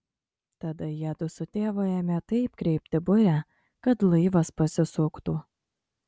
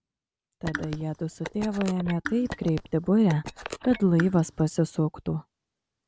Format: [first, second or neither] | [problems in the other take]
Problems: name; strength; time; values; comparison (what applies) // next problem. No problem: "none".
first | background sound (Telephone + Raindrop / Drip); 12 dB below the speech